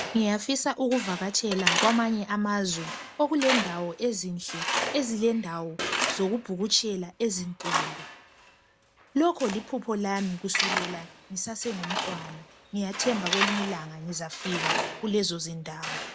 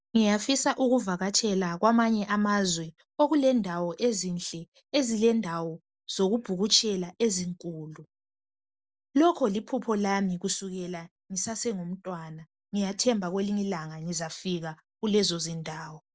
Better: second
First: background sound (Tools); 4 dB below the speech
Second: none

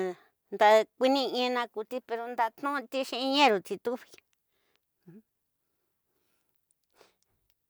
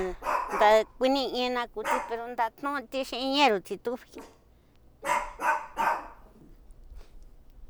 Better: first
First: none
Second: background sound (Dog); 5 dB below the speech

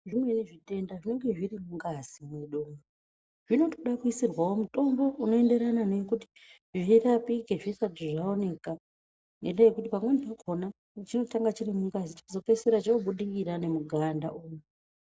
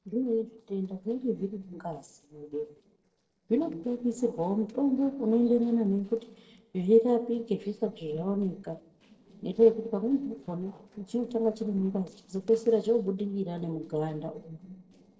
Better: first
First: none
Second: noise reduction (neural separator model SepFormer DNS4)

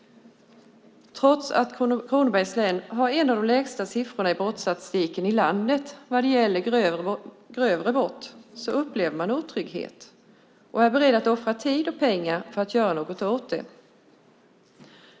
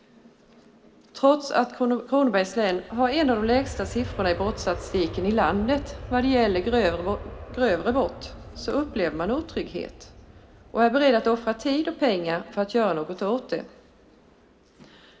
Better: first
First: none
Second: background sound (Aircraft); 15 dB below the speech // room echo; dies away in 1.1 s

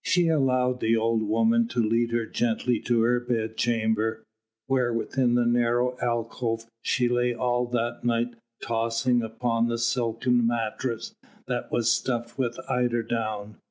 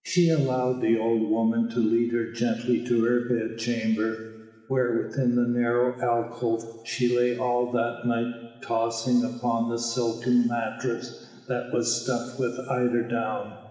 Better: first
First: none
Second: room echo; dies away in 2 s

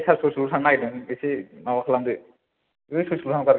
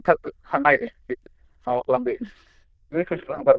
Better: first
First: none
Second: noise reduction (neural diffusion model UNIVERSE++)

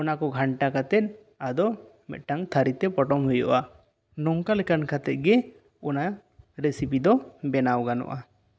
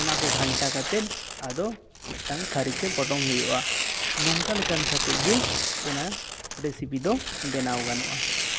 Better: first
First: none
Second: background sound (Tearing); 2 dB above the speech

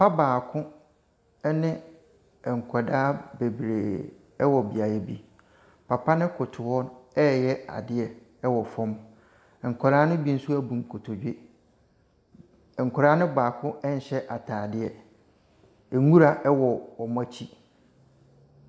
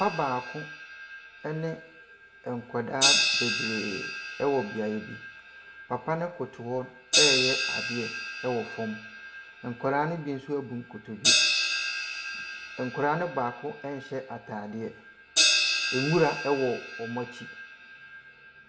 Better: first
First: none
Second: background sound (Crash cymbal); 1 dB above the speech // room echo; dies away in 0.2 s

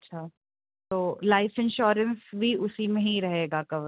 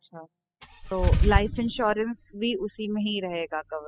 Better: first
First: none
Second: noise reduction (classical method spectral subtraction)

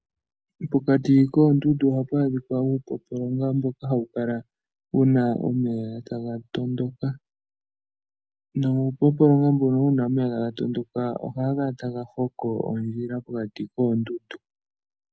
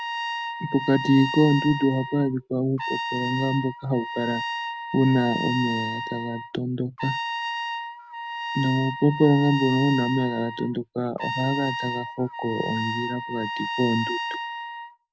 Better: first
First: none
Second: background sound (Trumpet); 6 dB below the speech

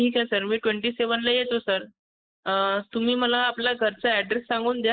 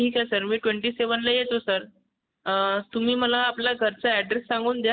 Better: second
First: noise reduction (neural mask model Resemble Enhance denoiser)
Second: none

